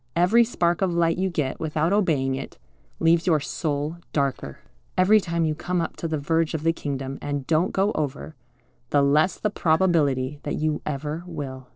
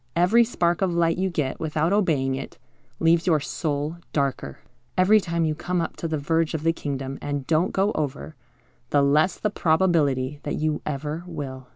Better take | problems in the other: second | noise reduction (neural separator model SepFormer DNS4)

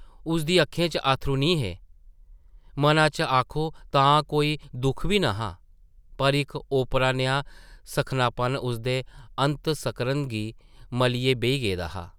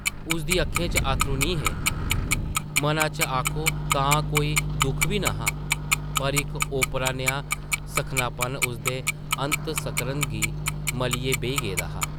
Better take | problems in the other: first | background sound (Tick-tock + Microwave oven); 3 dB above the speech

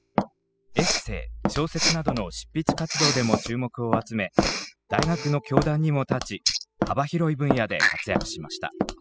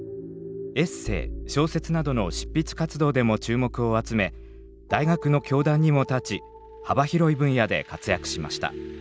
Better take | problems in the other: second | noise reduction (classical method spectral subtraction)

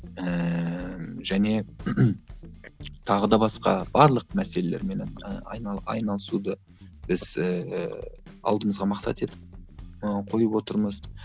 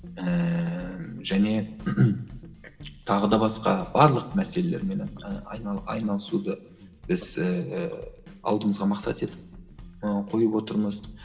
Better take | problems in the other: first | room echo; dies away in 0.9 s

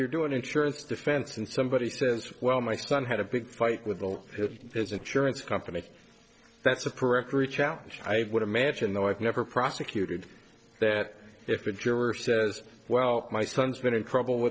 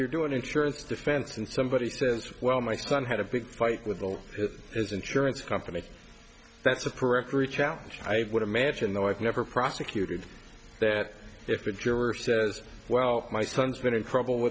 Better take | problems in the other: second | noise reduction (neural separator model SepFormer DNS4)

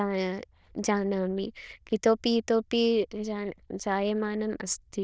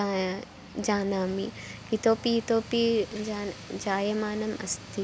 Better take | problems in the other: second | noise reduction (neural diffusion model UNIVERSE++)

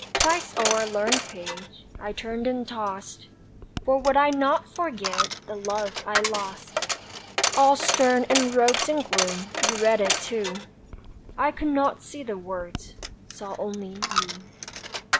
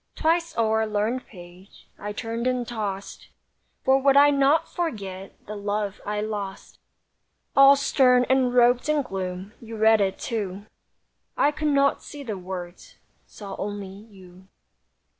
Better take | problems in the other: second | background sound (Coin (dropping)); 4 dB below the speech

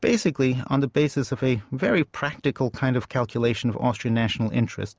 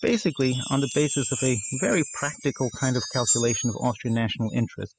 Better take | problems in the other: first | noise reduction (classical method spectral subtraction)

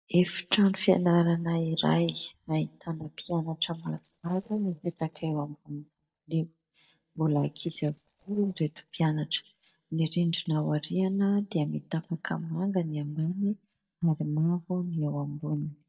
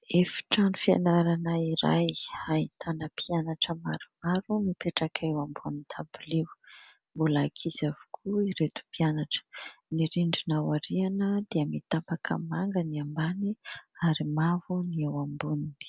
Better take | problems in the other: second | noise reduction (neural mask model DeepFilterNet 3)

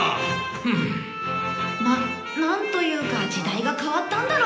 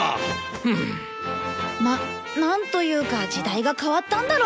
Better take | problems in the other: second | room echo; dies away in 0.9 s

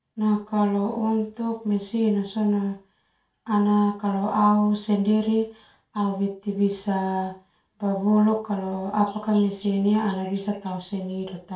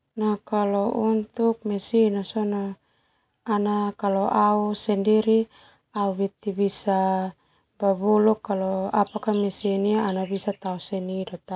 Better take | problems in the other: second | room echo; dies away in 0.3 s

